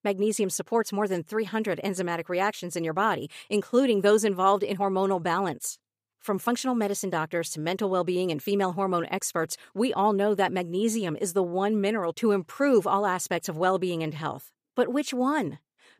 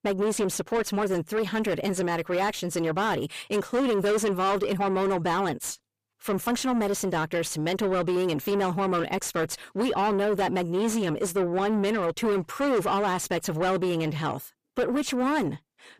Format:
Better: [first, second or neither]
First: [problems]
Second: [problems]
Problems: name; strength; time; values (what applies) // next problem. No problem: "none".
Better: first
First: none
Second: distortion; heavy; 7 dB below the speech